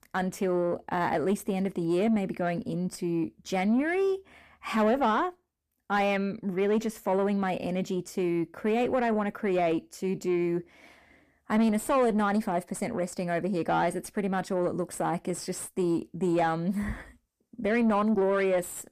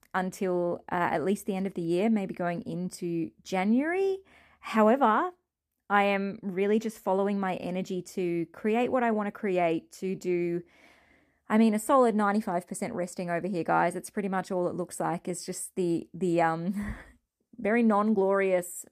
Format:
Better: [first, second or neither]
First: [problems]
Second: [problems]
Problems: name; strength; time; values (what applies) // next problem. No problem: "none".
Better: second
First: distortion; slight; 10 dB below the speech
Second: none